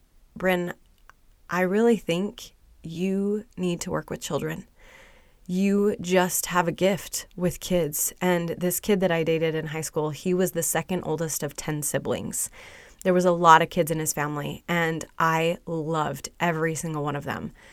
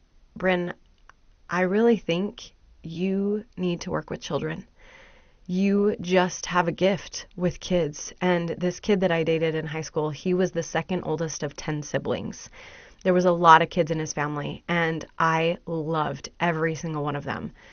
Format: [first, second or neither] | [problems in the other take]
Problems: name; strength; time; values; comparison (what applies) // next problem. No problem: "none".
first | garbled, watery; slightly; nothing above 6.5 kHz